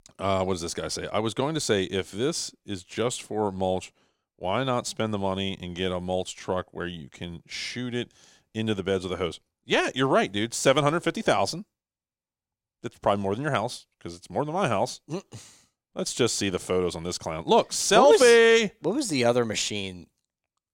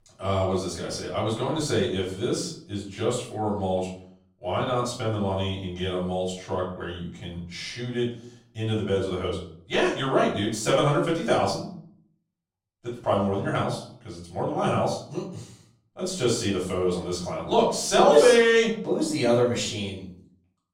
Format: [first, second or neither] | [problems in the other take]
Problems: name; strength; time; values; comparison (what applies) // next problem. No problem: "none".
first | off-mic speech; far // room echo; noticeable; dies away in 0.5 s